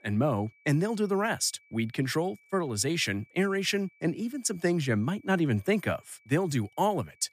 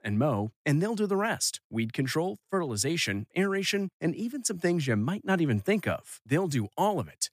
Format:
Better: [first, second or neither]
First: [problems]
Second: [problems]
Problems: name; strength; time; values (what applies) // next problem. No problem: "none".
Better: second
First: high-pitched whine; faint; throughout; 2.5 kHz, 30 dB below the speech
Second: none